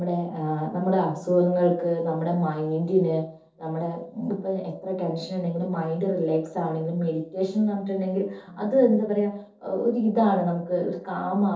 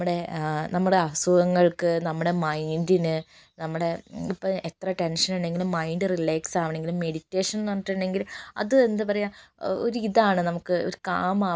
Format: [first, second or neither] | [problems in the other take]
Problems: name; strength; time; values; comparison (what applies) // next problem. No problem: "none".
second | noise reduction (neural separator model SepFormer DNS4)